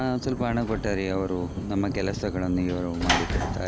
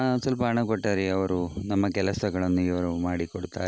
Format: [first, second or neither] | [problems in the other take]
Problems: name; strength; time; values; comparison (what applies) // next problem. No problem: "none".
second | background sound (Sliding door / Slam + Thunder / Rain); 4 dB below the speech